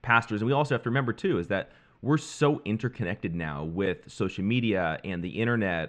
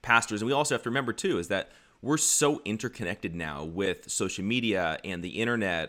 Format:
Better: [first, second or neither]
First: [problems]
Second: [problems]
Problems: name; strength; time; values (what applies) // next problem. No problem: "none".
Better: second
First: muffled; very; fading above 2.5 kHz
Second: none